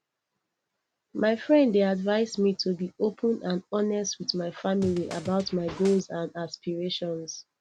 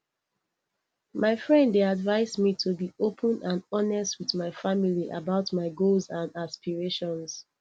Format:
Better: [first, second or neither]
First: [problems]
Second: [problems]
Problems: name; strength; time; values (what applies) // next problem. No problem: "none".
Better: second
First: background sound (Scratching (performance technique)); 13 dB below the speech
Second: none